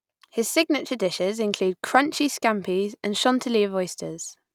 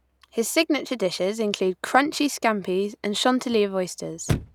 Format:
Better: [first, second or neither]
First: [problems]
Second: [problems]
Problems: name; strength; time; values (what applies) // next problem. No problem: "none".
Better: first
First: none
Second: background sound (Chirp, tweet / Slam / Car); 13 dB below the speech